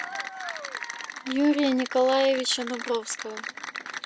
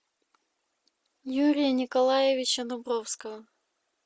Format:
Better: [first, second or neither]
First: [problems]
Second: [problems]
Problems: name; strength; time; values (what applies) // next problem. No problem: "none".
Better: second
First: background sound (Applause / Cheering); 9 dB below the speech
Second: none